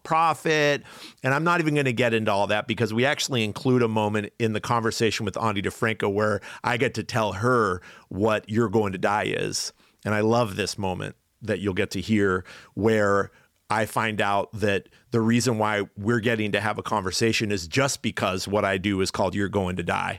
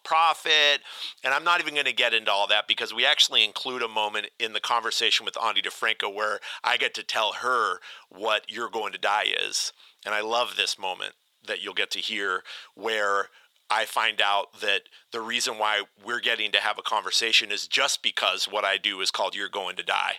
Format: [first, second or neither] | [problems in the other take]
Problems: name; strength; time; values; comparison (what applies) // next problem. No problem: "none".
first | thin; very; fading below 800 Hz